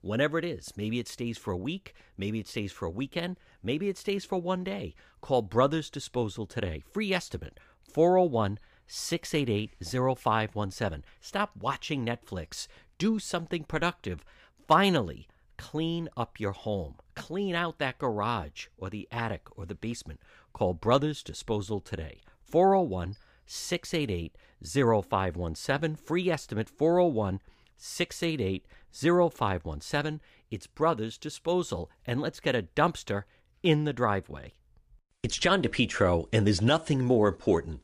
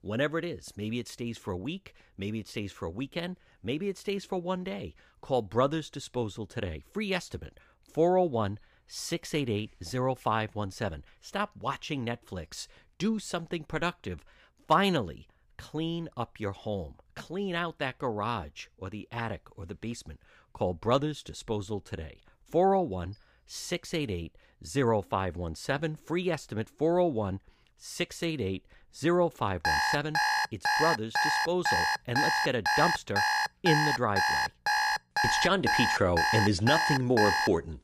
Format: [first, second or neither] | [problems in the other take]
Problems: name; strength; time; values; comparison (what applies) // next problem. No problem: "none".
first | alarm; loud; from 30 s on; peak 5 dB above the speech